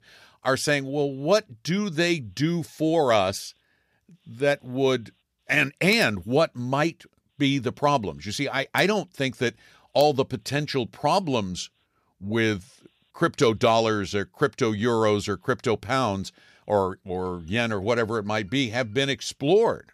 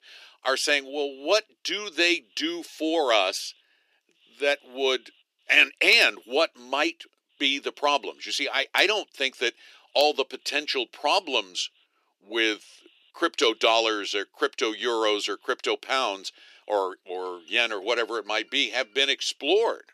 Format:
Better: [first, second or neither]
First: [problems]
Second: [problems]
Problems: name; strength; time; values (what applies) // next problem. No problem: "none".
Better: first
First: none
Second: thin; somewhat; fading below 300 Hz